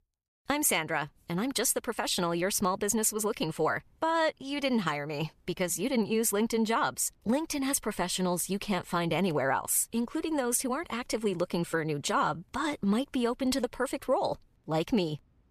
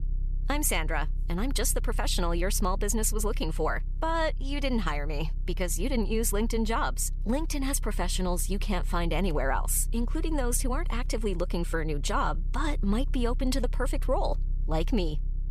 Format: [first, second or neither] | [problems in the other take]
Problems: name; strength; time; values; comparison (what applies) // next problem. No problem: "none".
first | low rumble; faint; throughout; 25 dB below the speech